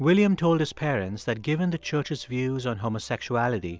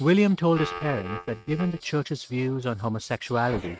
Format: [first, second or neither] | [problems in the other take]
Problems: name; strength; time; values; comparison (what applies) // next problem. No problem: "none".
first | noise reduction (neural mask model RNNoise)